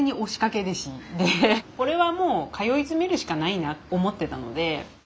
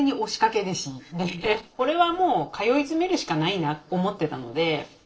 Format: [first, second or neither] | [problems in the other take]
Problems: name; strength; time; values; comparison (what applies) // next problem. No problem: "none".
first | noise reduction (neural separator model SepFormer DNS4)